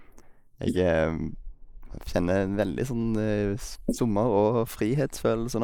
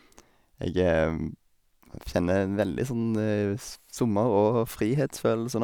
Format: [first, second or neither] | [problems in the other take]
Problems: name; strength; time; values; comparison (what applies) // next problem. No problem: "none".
second | noise reduction (neural mask model Resemble Enhance denoiser)